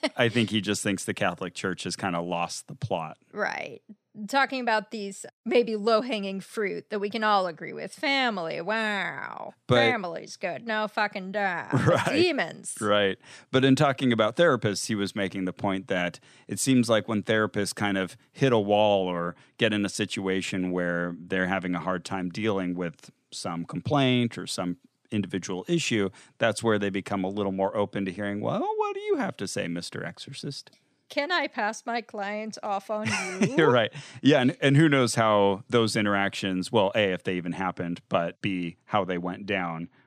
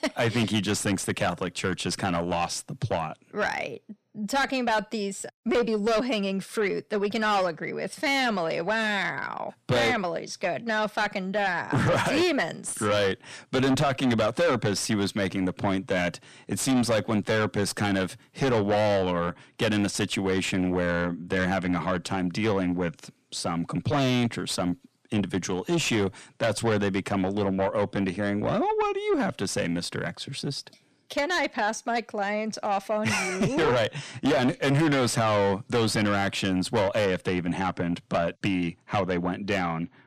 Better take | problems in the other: first | distortion; heavy; 6 dB below the speech

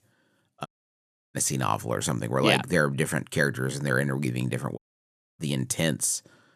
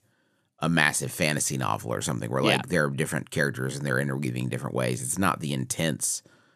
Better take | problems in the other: second | audio cutting out; at 0.5 s for 0.5 s and at 5 s for 0.5 s

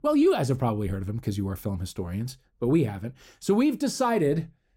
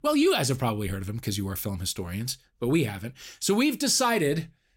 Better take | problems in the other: second | muffled; slightly; fading above 1.5 kHz

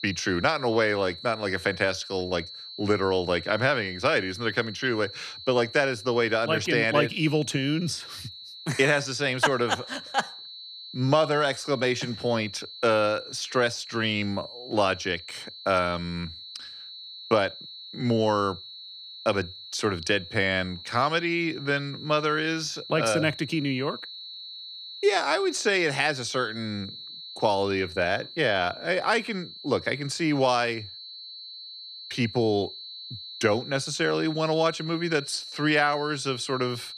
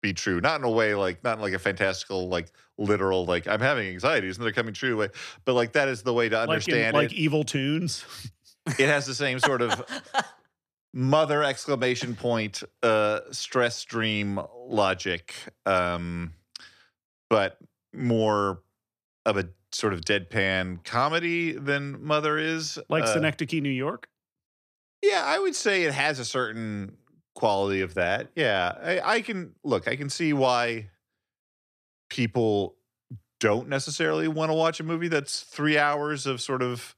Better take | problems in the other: second | high-pitched whine; noticeable; throughout; 4 kHz, 15 dB below the speech

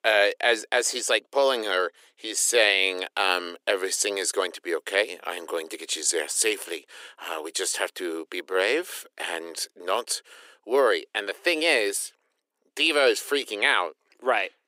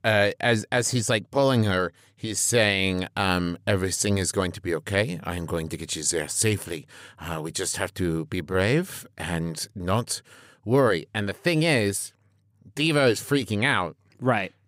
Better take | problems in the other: second | thin; very; fading below 350 Hz

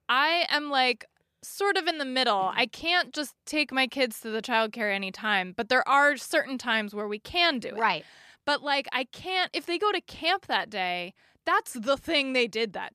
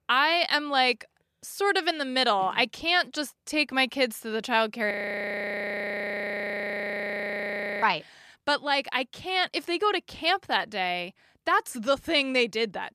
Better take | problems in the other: first | audio freezing; at 5 s for 3 s

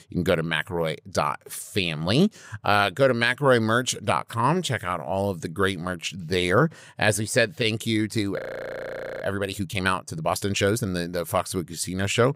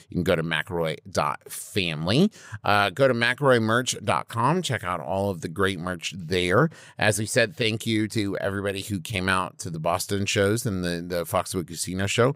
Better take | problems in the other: second | audio freezing; at 8.5 s for 1 s

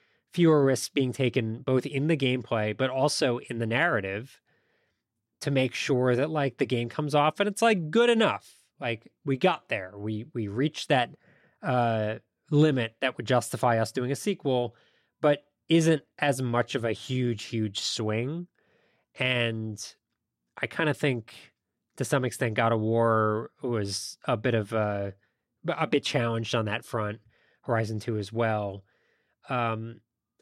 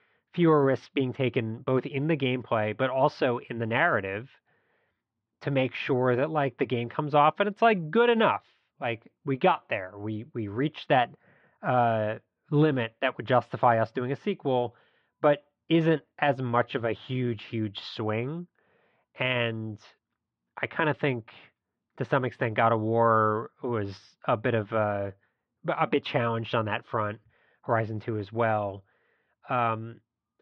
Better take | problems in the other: first | muffled; very; fading above 3.5 kHz

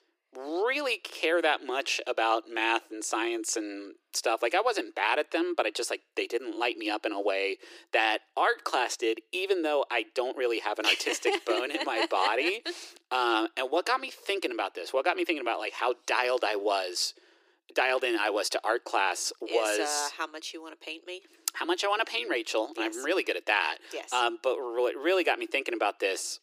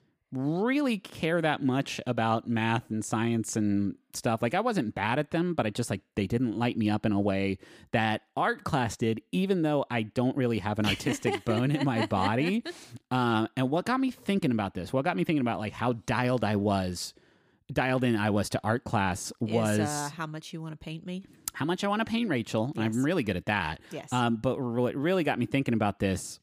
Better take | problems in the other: second | thin; very; fading below 350 Hz

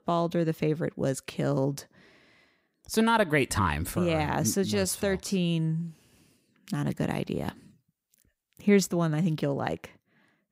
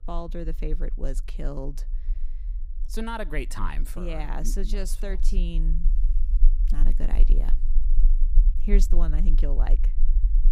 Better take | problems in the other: first | low rumble; noticeable; throughout; 15 dB below the speech

